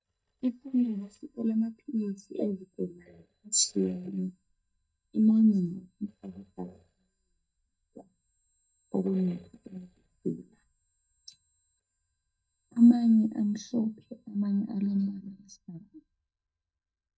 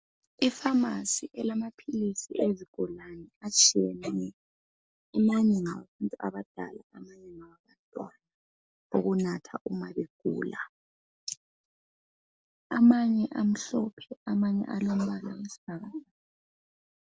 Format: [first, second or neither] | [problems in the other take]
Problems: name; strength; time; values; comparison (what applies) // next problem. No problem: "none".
second | noise reduction (neural mask model DeepFilterNet 3)